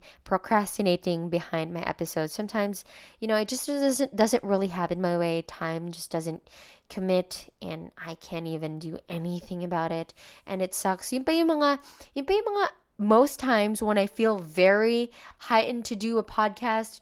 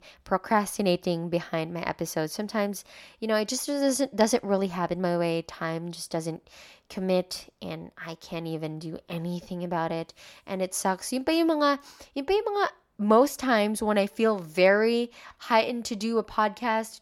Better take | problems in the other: second | garbled, watery; slightly; nothing above 17.5 kHz

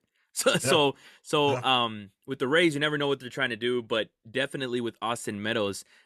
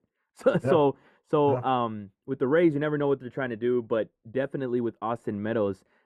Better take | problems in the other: first | muffled; very; fading above 2 kHz

